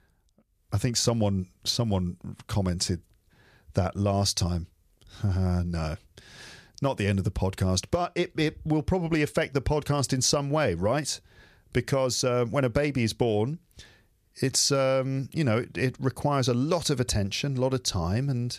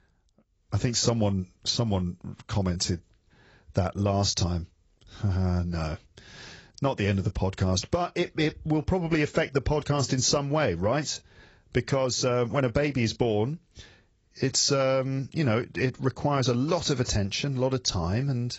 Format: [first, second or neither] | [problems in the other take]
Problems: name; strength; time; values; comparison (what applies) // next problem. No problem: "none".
first | garbled, watery; badly; nothing above 7.5 kHz